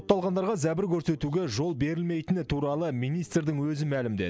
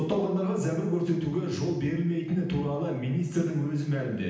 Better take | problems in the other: first | room echo; dies away in 0.9 s

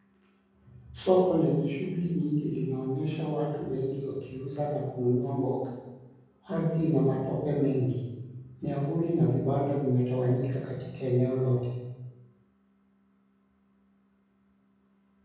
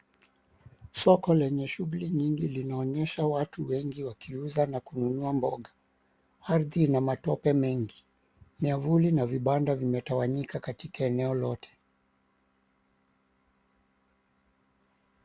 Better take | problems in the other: second | room echo; dies away in 1.3 s

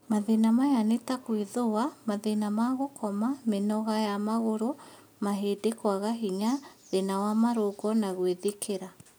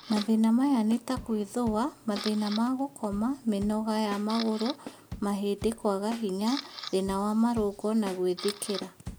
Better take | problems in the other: first | background sound (Drum / Drum kit + Camera); 14 dB below the speech

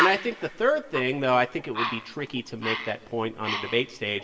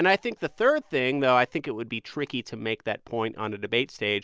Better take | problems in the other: second | background sound (Bird); 6 dB below the speech // room echo; dies away in 0.7 s

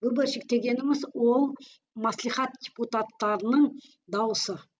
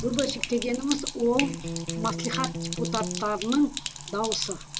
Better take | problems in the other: first | background sound (Sink (filling or washing) + Electric guitar); 5 dB below the speech

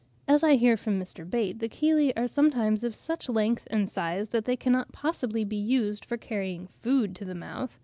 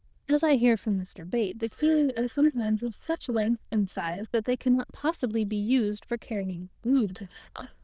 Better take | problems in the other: first | noise reduction (neural diffusion model UNIVERSE++)

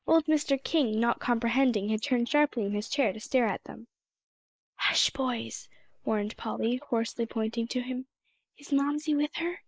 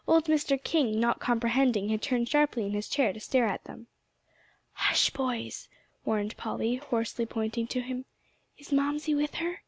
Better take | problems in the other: second | noise reduction (neural mask model Resemble Enhance denoiser)

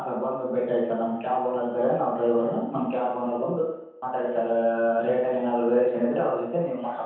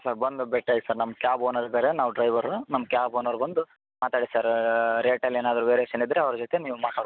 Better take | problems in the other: second | room echo; dies away in 0.9 s

